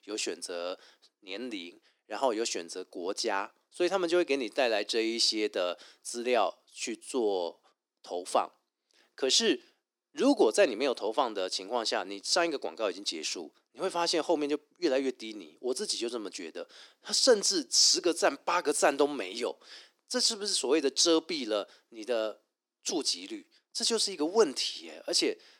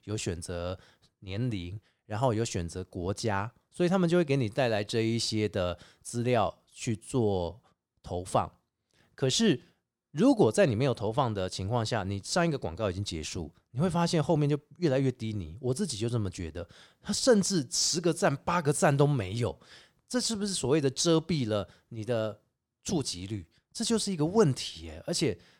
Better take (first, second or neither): second